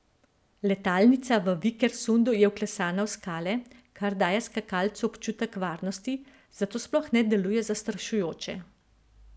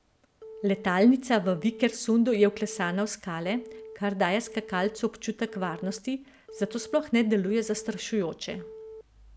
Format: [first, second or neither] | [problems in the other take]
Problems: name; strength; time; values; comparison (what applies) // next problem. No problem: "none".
first | background sound (Telephone); 18 dB below the speech